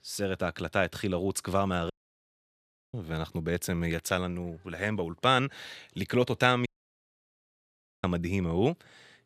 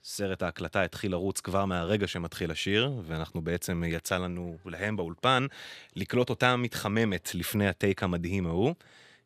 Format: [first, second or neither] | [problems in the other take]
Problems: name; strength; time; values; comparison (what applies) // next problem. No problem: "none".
second | audio cutting out; at 2 s for 1 s and at 6.5 s for 1.5 s